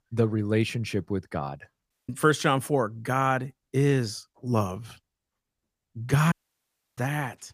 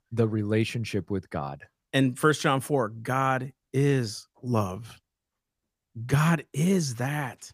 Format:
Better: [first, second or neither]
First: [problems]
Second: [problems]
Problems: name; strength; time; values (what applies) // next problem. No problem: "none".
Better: second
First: audio cutting out; at 2 s and at 6.5 s for 0.5 s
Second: none